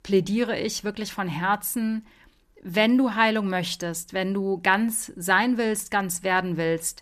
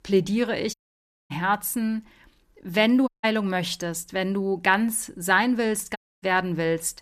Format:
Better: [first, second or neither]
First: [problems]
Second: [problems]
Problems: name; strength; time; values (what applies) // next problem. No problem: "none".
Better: first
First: none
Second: audio cutting out; at 0.5 s for 0.5 s, at 3 s and at 6 s